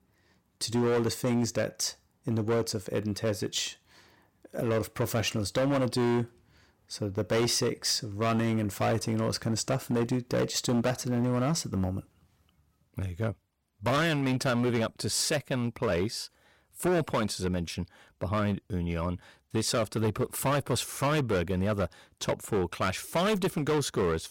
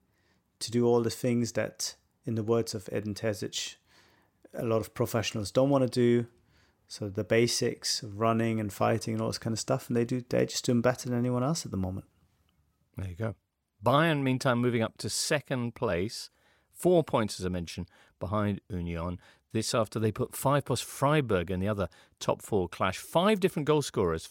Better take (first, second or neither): second